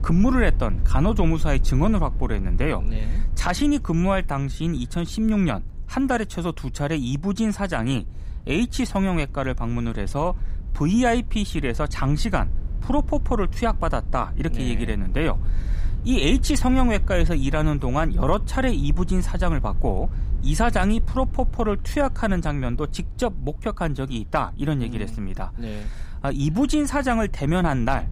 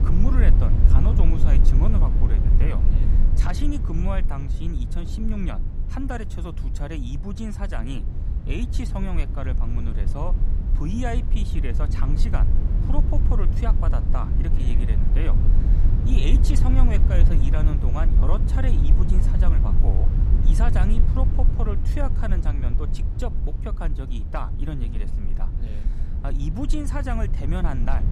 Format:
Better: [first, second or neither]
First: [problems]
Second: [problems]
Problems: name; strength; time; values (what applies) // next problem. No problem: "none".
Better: first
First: low rumble; faint; throughout; 20 dB below the speech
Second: low rumble; loud; throughout; 4 dB below the speech